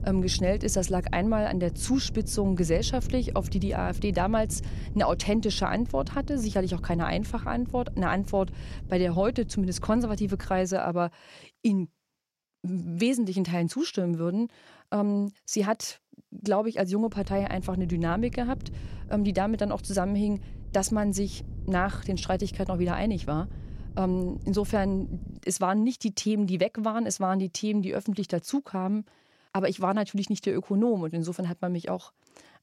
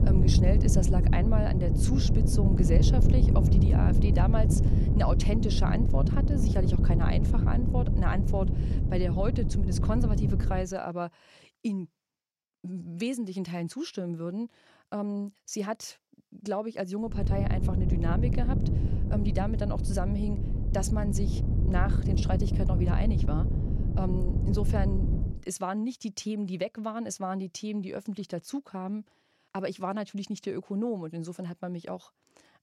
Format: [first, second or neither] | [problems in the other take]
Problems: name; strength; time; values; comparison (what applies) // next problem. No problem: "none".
first | wind noise on the microphone; heavy; until 11 s and from 17 to 25 s; 3 dB below the speech; occasional gusts in the first